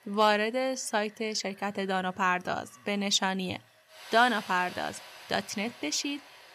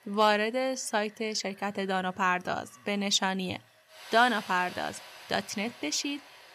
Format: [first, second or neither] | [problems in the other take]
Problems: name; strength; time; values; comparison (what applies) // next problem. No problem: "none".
neither | machinery noise; noticeable; throughout; 20 dB below the speech; the same in both